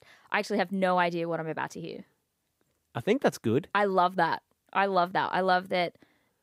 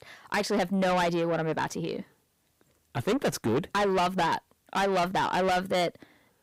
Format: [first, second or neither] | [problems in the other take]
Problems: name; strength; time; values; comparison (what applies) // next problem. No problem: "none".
first | distortion; heavy; 6 dB below the speech